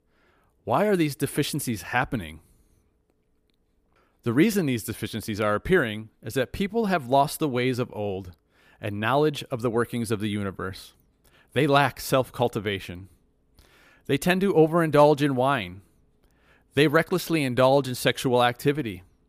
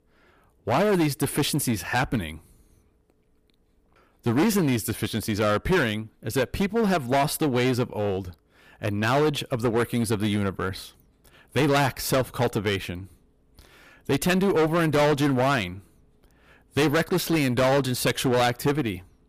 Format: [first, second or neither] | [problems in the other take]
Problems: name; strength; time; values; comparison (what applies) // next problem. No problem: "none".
first | distortion; heavy; 12% of the sound clipped